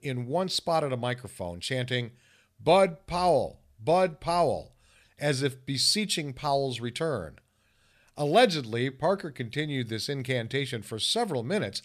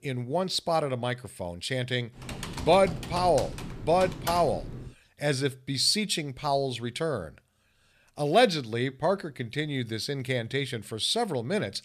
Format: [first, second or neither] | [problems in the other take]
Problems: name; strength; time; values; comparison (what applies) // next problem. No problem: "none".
first | keyboard typing; noticeable; from 2 to 5 s; peak 7 dB below the speech